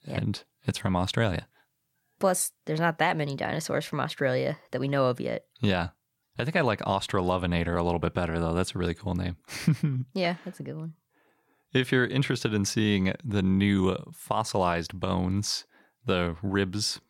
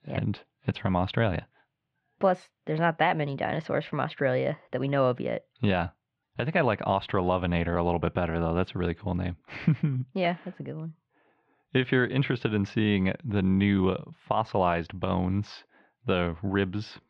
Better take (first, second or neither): first